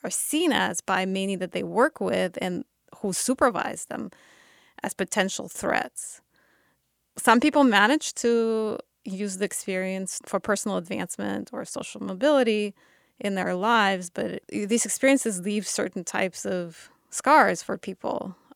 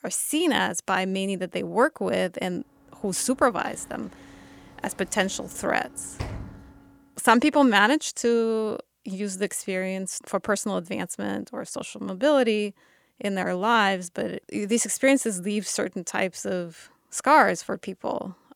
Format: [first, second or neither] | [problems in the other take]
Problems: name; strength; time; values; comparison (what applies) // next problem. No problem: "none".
first | door banging; faint; from 3.5 to 6.5 s; peak 10 dB below the speech